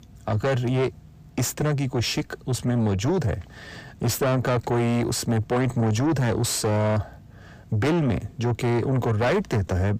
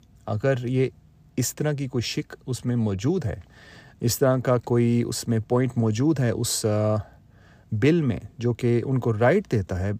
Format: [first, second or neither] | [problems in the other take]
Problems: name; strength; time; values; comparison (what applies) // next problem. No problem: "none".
second | distortion; heavy; 6 dB below the speech